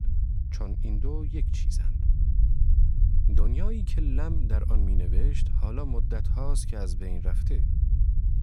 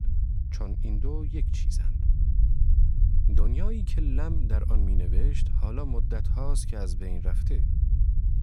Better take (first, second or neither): neither